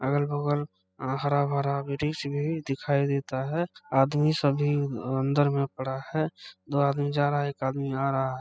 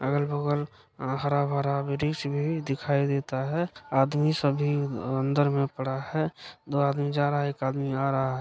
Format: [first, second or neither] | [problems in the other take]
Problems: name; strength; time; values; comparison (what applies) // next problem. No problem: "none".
second | noise reduction (classical method spectral subtraction)